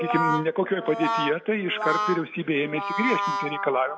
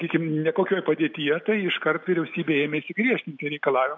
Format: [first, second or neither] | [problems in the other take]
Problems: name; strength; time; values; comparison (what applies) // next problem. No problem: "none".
second | background sound (Brass instrument); 2 dB below the speech